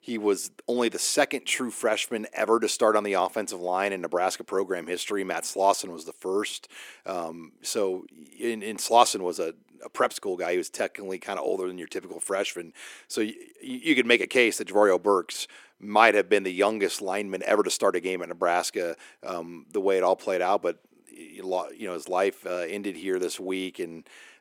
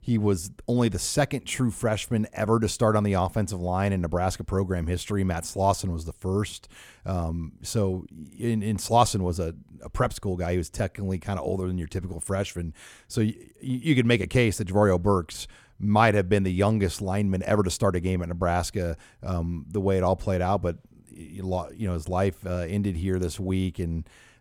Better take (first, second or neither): second